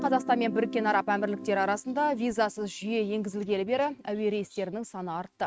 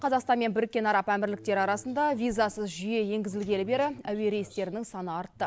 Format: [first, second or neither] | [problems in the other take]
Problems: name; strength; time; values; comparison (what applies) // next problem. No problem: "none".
second | noise reduction (neural mask model RNNoise)